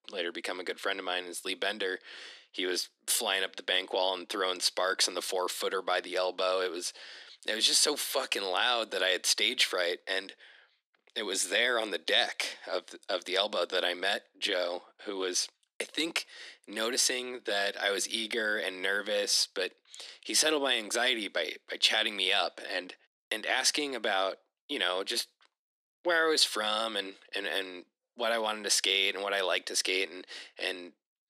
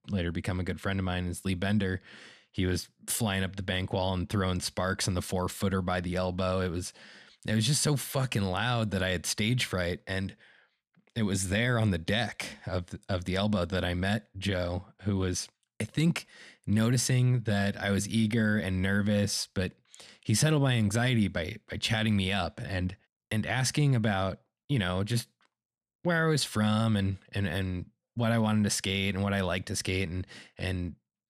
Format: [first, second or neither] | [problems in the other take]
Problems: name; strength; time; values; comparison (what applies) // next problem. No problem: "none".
second | thin; very; fading below 300 Hz